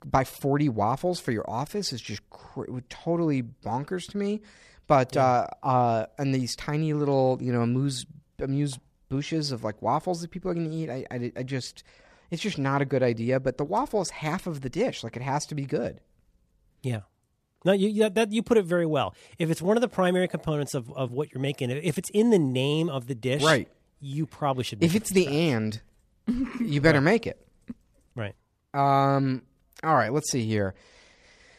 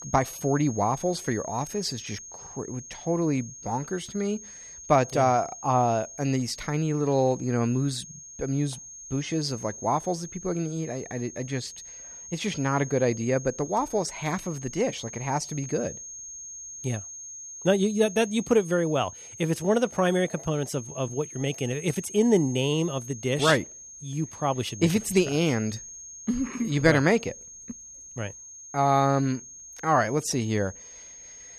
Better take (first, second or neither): first